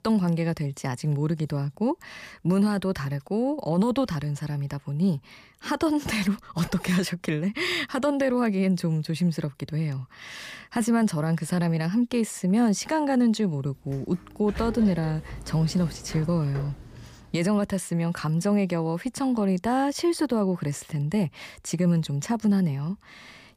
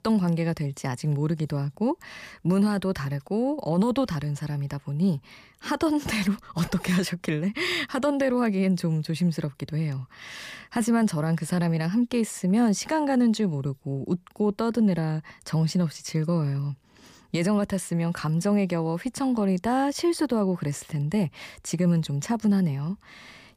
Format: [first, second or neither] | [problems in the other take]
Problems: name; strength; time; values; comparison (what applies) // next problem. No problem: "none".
second | door banging; faint; from 14 to 17 s; peak 10 dB below the speech